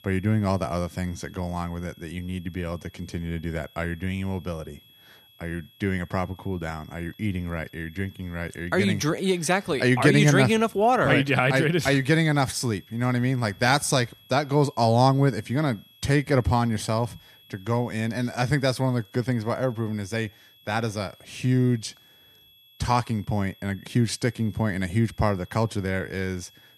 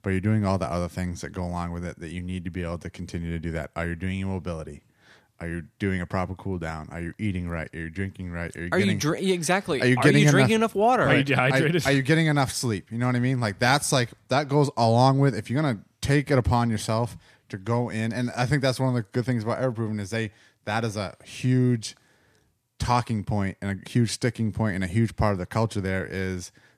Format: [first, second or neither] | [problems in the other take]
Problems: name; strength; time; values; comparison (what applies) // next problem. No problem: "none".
second | high-pitched whine; faint; throughout; 3.5 kHz, 30 dB below the speech